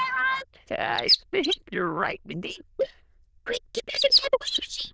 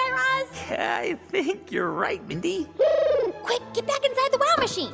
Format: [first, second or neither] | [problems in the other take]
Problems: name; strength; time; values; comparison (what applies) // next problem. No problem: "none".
second | noise reduction (neural diffusion model UNIVERSE++)